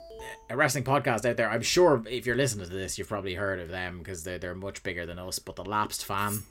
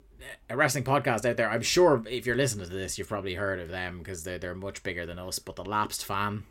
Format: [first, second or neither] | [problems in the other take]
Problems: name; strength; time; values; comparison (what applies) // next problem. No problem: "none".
second | alarm; faint; at the start; peak 15 dB below the speech // clattering dishes; very faint; at 6 s; peak 9 dB below the speech